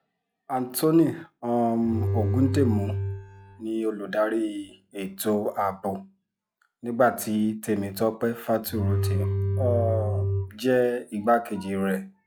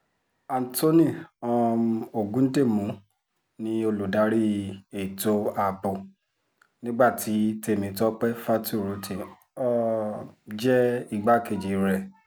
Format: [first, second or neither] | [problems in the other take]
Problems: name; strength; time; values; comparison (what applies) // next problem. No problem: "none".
second | noise reduction (classical method log-MMSE)